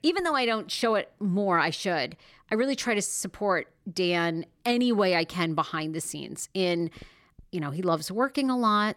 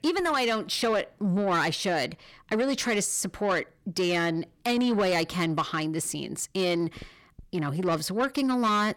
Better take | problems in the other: first | distortion; slight; 10 dB below the speech

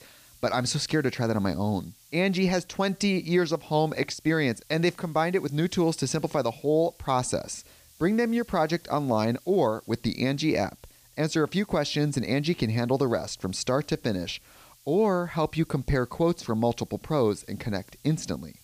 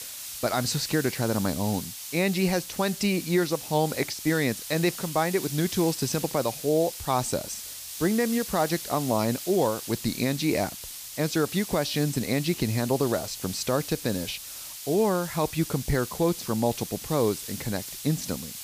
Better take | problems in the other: first | hiss; loud; throughout; 8 dB below the speech; faint in the first

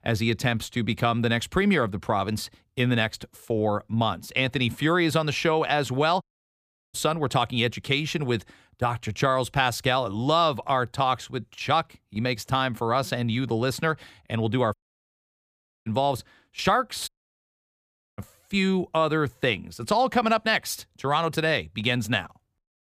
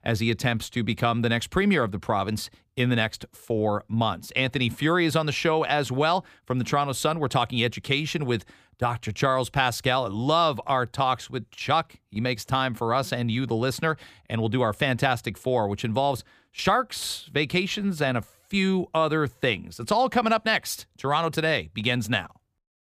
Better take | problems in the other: second | audio cutting out; at 6 s for 0.5 s, at 15 s for 1 s and at 17 s for 1 s

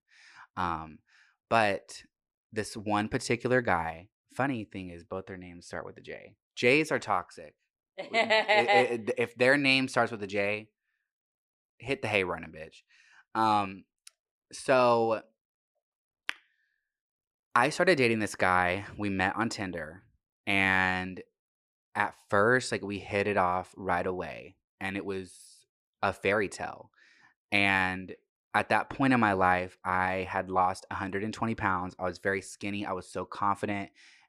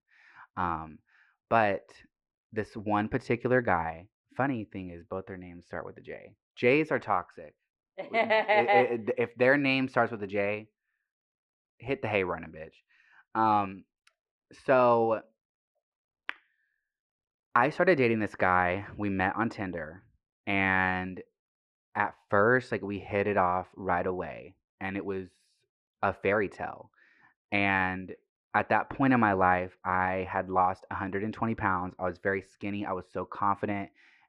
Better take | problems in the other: first | muffled; slightly; fading above 4 kHz

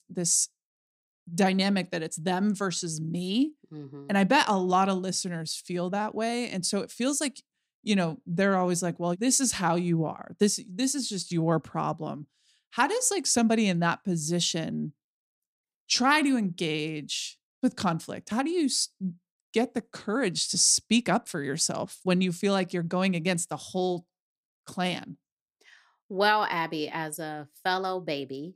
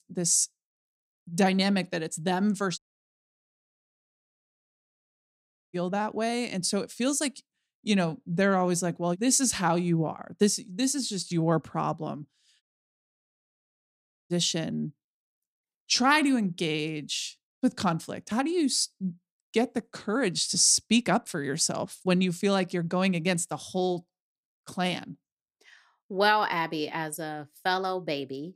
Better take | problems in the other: first | audio cutting out; at 3 s for 3 s and at 13 s for 1.5 s

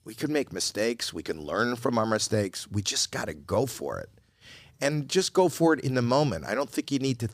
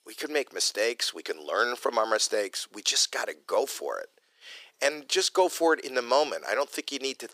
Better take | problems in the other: first | thin; very; fading below 400 Hz

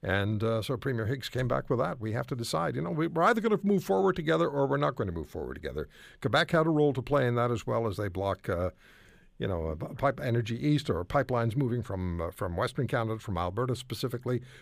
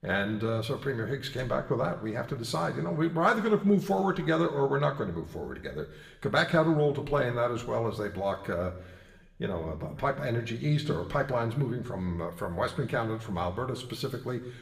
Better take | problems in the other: first | room echo; slight; dies away in 0.8 s // off-mic speech; somewhat distant

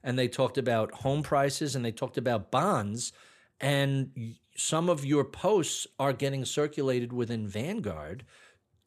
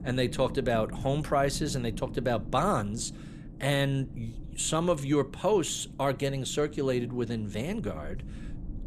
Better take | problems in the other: first | low rumble; faint; throughout; 20 dB below the speech

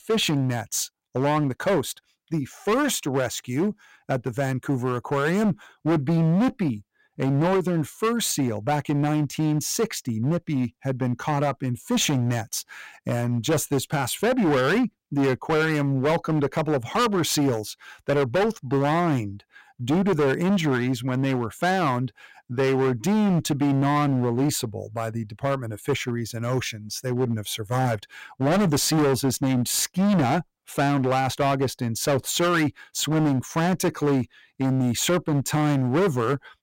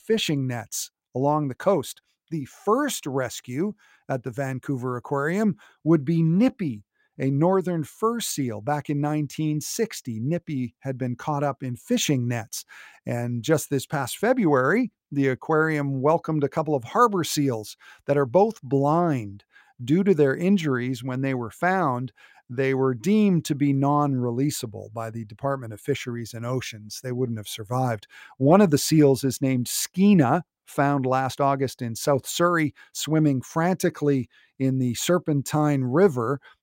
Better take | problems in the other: second | distortion; heavy; 15% of the sound clipped

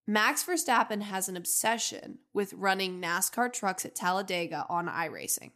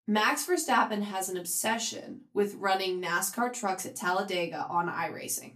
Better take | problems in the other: first | off-mic speech; far // room echo; very slight; dies away in 0.2 s

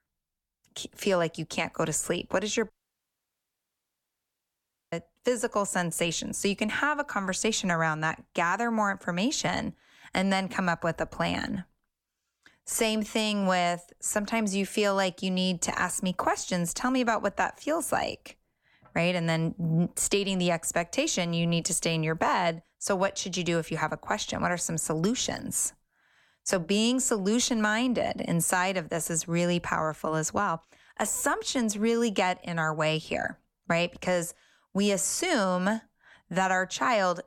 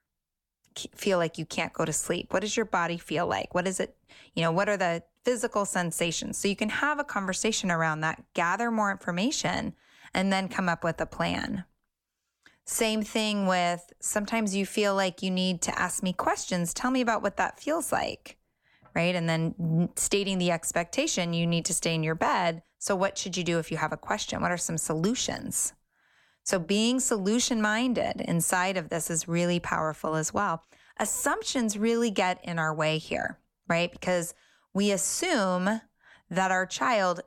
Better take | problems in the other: second | audio cutting out; at 2.5 s for 2 s

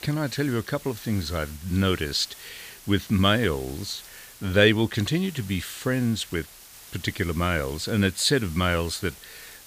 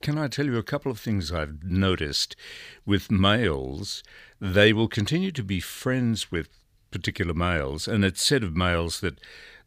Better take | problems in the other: second | hiss; noticeable; throughout; 20 dB below the speech

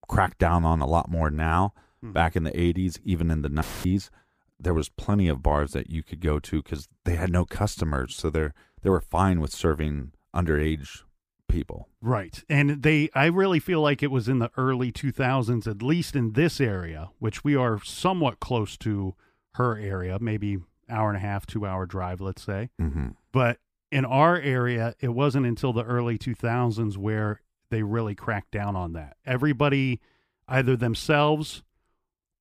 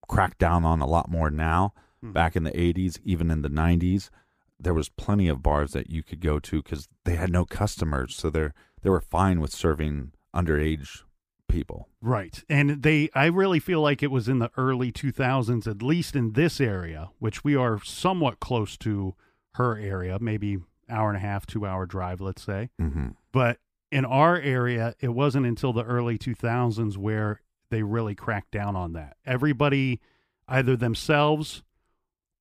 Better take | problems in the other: second | audio cutting out; filled with static; at 3.5 s

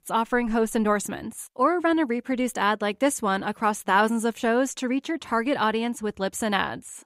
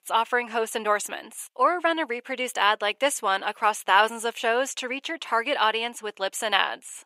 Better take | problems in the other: first | thin; very; fading below 600 Hz

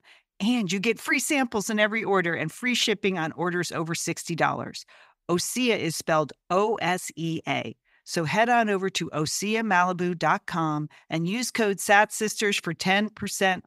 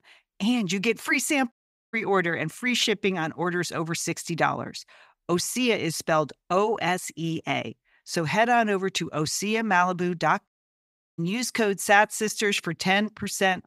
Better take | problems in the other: first | audio cutting out; at 1.5 s and at 10 s for 0.5 s

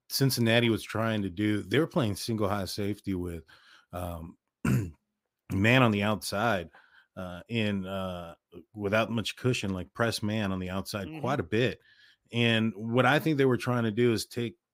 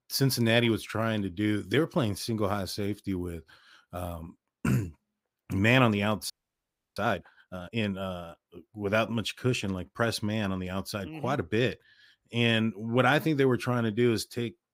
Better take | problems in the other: first | audio freezing; at 6.5 s for 0.5 s

